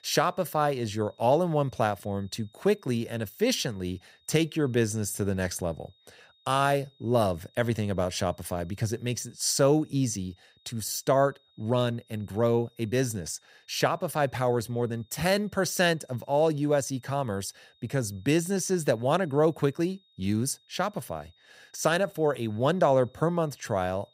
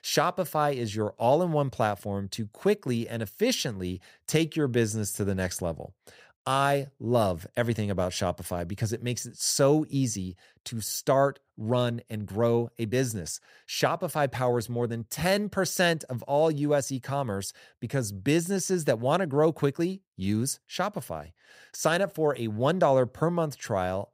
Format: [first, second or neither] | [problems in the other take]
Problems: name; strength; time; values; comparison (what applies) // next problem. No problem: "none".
second | high-pitched whine; faint; throughout; 3.5 kHz, 35 dB below the speech